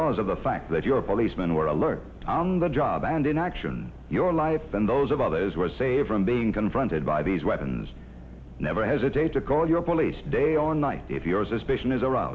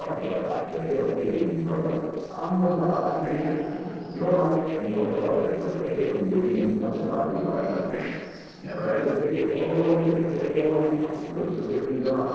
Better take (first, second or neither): first